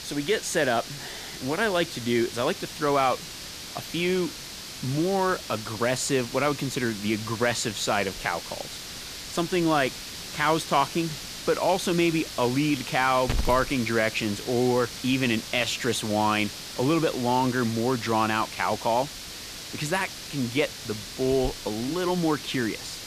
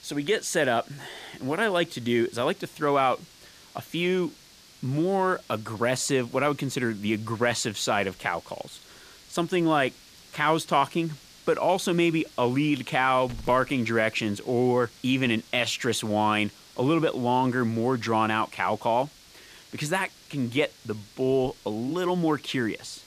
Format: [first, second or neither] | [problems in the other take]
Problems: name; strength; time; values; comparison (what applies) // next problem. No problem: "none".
second | hiss; loud; throughout; 9 dB below the speech; faint in the second